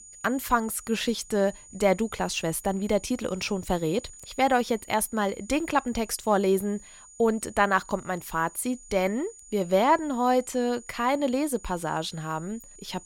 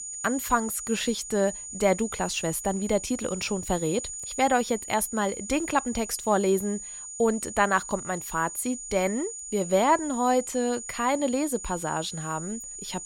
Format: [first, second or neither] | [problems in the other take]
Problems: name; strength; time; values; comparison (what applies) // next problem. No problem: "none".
first | high-pitched whine; loud; throughout; 7 kHz, 9 dB below the speech; faint in the first